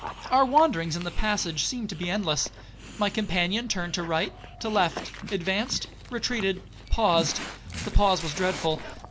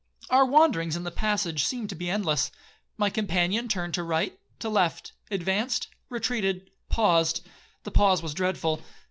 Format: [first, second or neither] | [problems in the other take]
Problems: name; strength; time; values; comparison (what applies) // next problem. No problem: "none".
second | background sound (Dog); 13 dB below the speech